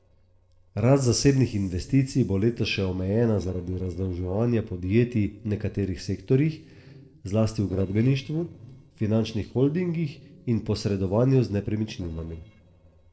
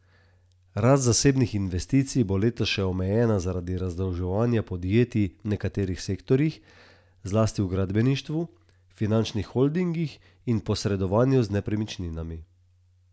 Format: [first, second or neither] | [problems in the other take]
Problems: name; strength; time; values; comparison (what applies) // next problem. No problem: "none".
second | noise reduction (neural separator model SepFormer DNS4)